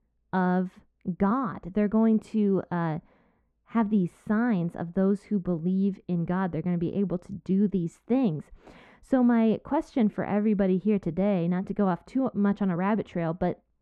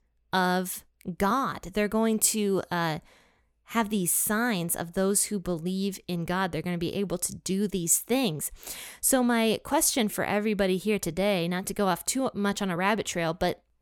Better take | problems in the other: second | muffled; very; fading above 1.5 kHz

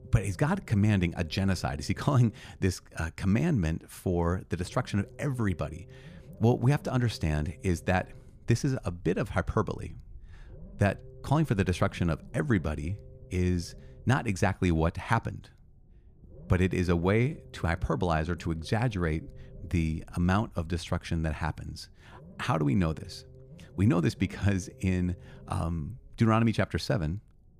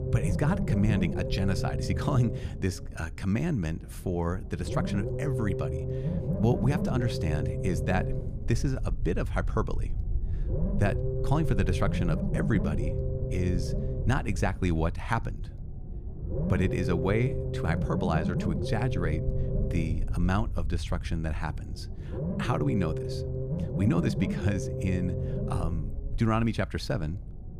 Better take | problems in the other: first | low rumble; loud; throughout; 4 dB below the speech; faint in the first

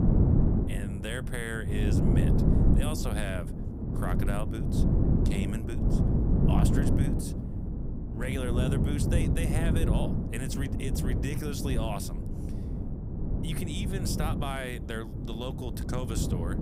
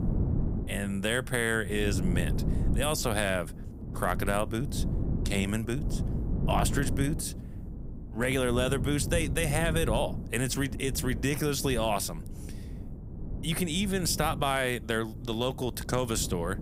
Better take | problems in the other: second | wind noise on the microphone; heavy; as loud as the speech; occasional gusts in the second

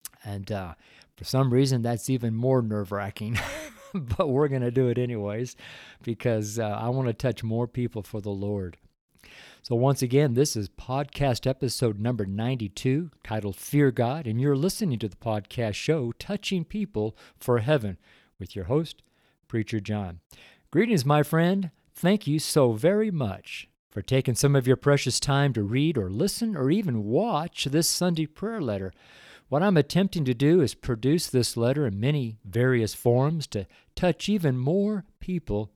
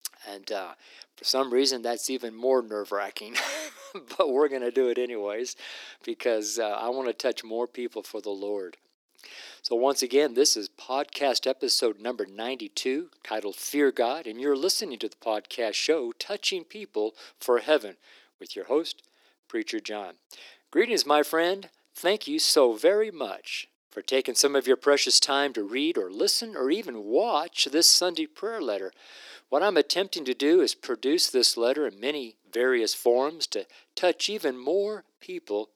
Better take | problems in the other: first | thin; somewhat; fading below 300 Hz

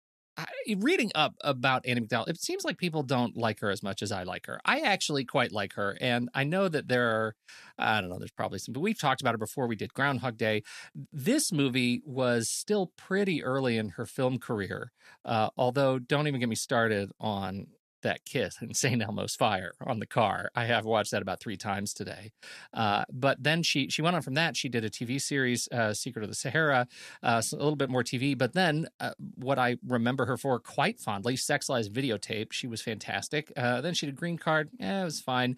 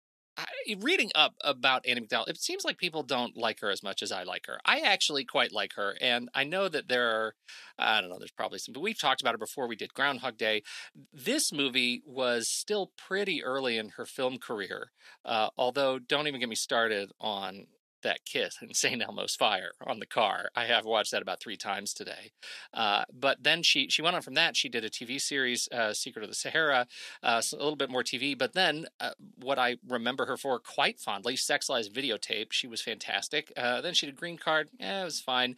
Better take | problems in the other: first | thin; somewhat; fading below 350 Hz

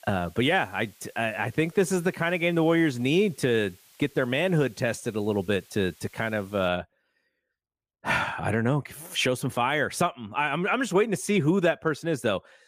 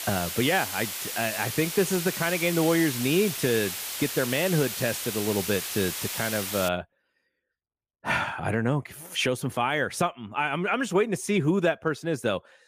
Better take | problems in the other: first | hiss; loud; until 6.5 s; 4 dB below the speech; faint in the first

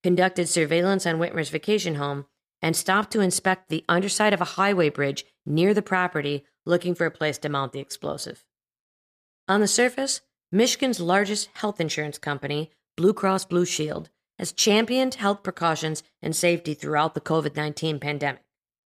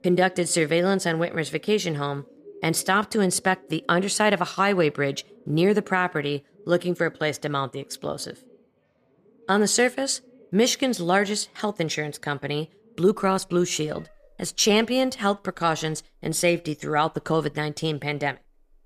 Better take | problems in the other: first | animal sounds; faint; throughout; 30 dB below the speech

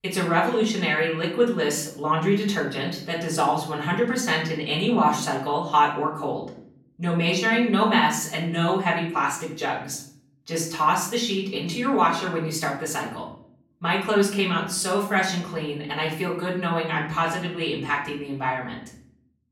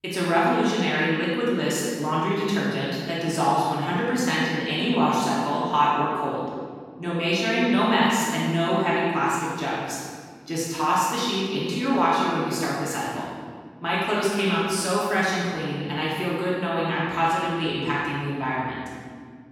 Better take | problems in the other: first | room echo; strong; dies away in 1.8 s; slight in the first // off-mic speech; far; far in the first

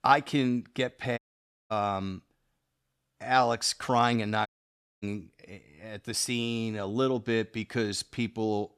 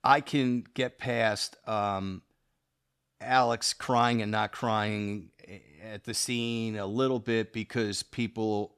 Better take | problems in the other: second | audio cutting out; at 1 s for 0.5 s and at 4.5 s for 0.5 s

